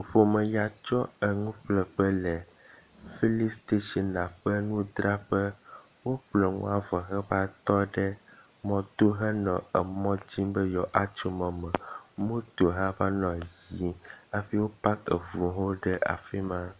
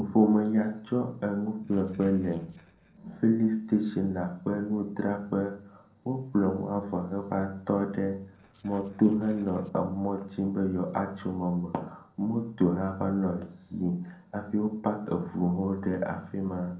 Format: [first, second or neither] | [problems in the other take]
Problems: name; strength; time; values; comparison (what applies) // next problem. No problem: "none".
first | noise reduction (neural separator model SepFormer DNS4)